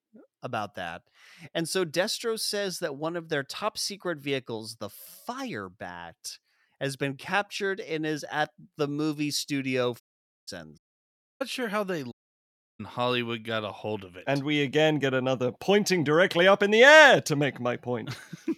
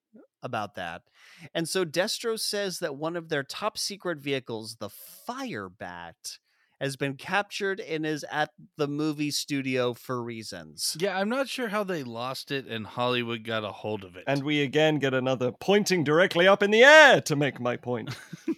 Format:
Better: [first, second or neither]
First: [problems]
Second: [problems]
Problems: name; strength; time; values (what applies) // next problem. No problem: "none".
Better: second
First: audio cutting out; at 10 s, at 11 s for 0.5 s and at 12 s for 0.5 s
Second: none